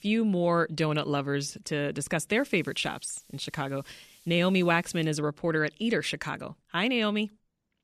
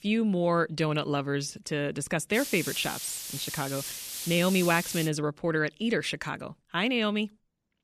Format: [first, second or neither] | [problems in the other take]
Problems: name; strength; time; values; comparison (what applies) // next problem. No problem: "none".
first | hiss; loud; from 2.5 to 5 s; 7 dB below the speech; faint in the first